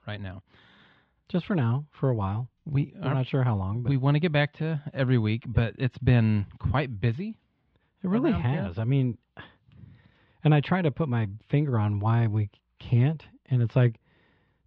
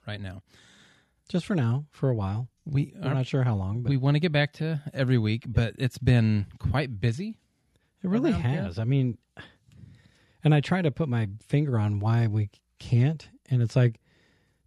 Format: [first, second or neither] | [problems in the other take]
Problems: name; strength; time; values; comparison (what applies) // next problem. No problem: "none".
second | muffled; slightly; fading above 3.5 kHz